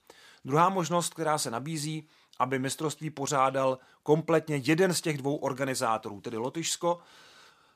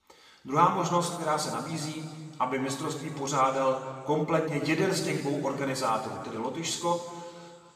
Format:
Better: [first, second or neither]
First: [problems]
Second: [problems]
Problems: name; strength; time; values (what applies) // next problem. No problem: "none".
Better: first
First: none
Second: room echo; noticeable; dies away in 1.9 s // off-mic speech; somewhat distant